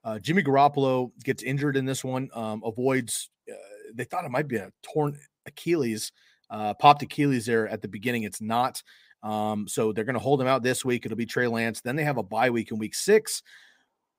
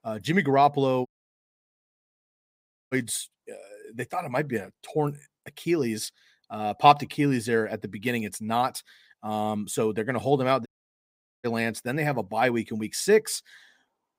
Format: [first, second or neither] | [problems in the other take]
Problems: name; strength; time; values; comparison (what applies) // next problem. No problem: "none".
first | audio cutting out; at 1 s for 2 s and at 11 s for 1 s